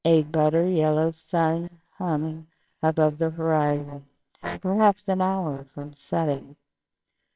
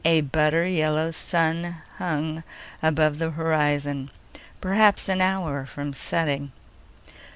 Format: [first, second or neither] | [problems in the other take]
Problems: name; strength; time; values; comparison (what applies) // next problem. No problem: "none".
second | noise reduction (neural separator model SepFormer WHAMR!)